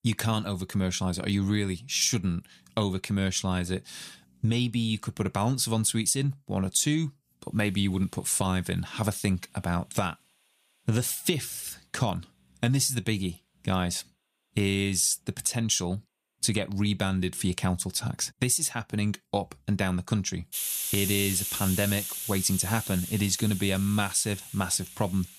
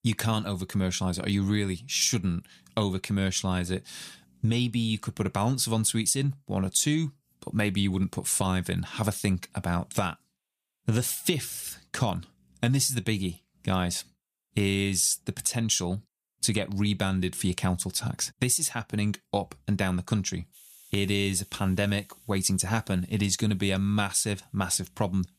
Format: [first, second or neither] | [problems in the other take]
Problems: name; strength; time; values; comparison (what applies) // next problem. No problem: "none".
second | hiss; loud; from 7.5 s on; 5 dB below the speech; faint in the second